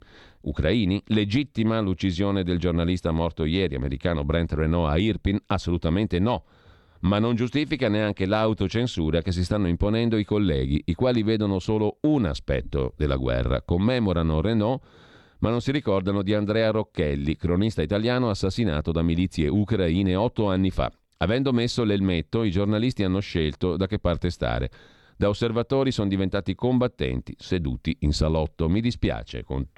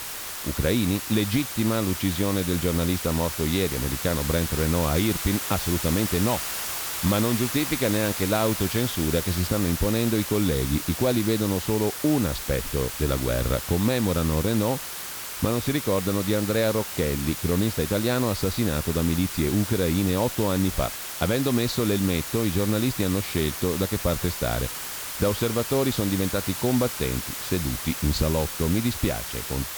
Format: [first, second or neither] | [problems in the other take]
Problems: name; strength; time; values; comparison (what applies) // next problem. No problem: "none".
first | hiss; loud; throughout; 5 dB below the speech